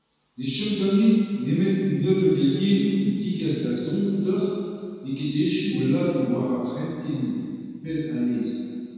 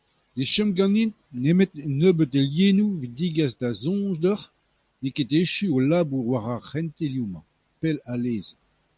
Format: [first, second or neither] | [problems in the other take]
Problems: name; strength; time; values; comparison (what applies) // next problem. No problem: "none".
second | room echo; dies away in 2.1 s